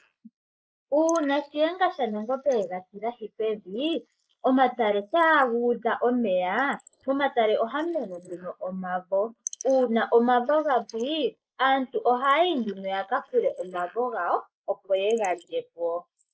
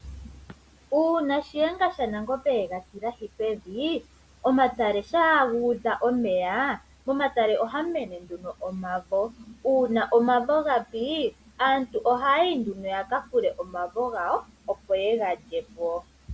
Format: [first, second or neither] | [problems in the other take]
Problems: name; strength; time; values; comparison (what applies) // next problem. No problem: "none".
second | noise reduction (neural mask model Resemble Enhance denoiser)